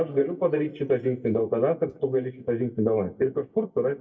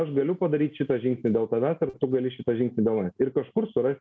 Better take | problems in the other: second | noise reduction (neural mask model DeepFilterNet 3)

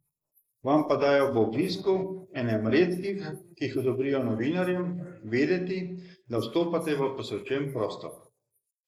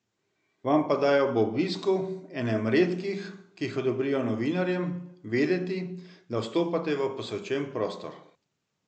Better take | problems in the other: second | noise reduction (neural mask model Resemble Enhance denoiser)

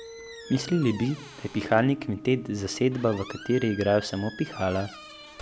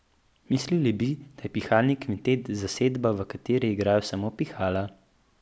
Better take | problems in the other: second | background sound (Guitar + Squeak); 15 dB below the speech

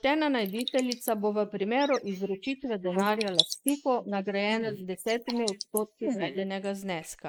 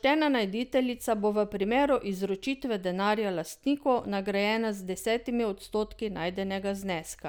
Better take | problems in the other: second | noise reduction (neural mask model Resemble Enhance denoiser)

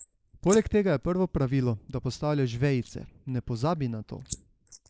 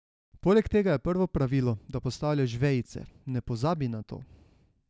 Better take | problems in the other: second | noise reduction (neural mask model Resemble Enhance denoiser)

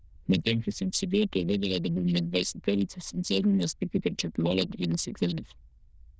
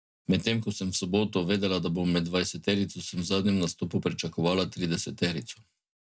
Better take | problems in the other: second | noise reduction (neural diffusion model UNIVERSE++)

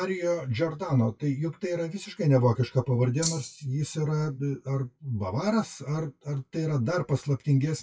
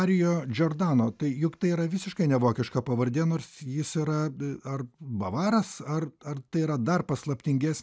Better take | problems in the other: second | noise reduction (classical method WPE with log-MMSE)

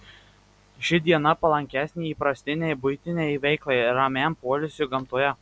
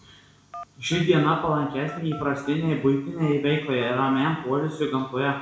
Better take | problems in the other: first | background sound (Telephone); 18 dB below the speech // room echo; dies away in 0.6 s

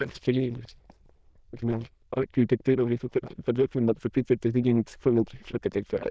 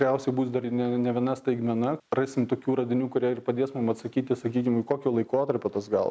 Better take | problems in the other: second | noise reduction (neural diffusion model UNIVERSE++)

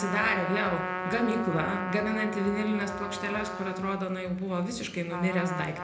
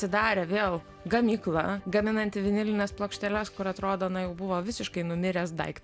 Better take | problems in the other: second | background sound (Trumpet); 6 dB below the speech // room echo; dies away in 0.8 s

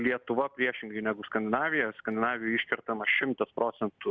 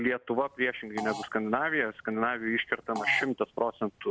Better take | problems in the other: first | background sound (Fart); 13 dB below the speech

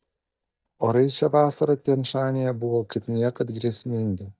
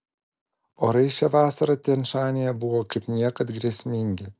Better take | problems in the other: second | noise reduction (neural mask model DeepFilterNet 3)

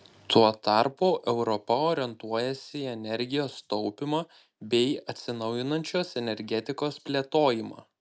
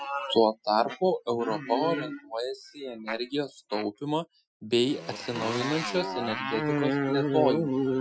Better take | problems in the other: first | noise reduction (classical method Wiener filter)

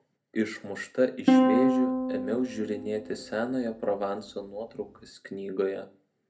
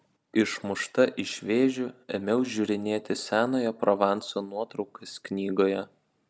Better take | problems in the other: second | background sound (Plucked string instrument); 3 dB above the speech // room echo; dies away in 0.3 s

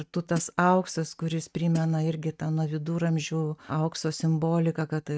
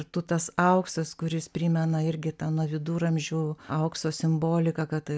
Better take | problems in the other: second | noise reduction (neural mask model RNNoise)

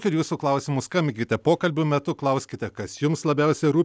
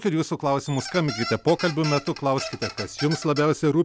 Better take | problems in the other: first | background sound (Squeak); 12 dB below the speech

